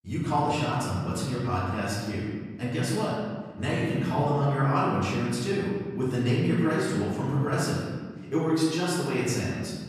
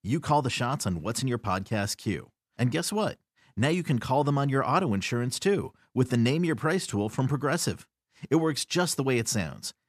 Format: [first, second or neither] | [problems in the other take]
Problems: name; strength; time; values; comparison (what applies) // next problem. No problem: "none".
second | room echo; strong; dies away in 1.4 s // off-mic speech; far